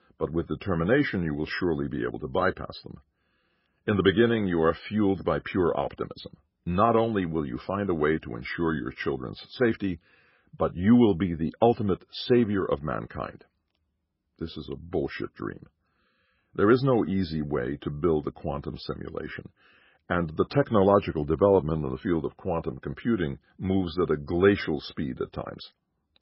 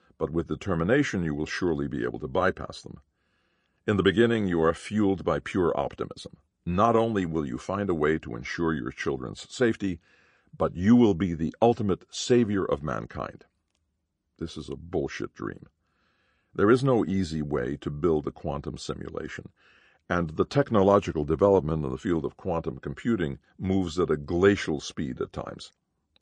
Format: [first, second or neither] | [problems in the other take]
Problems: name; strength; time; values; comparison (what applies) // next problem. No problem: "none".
second | garbled, watery; badly; nothing above 5.5 kHz; slightly in the second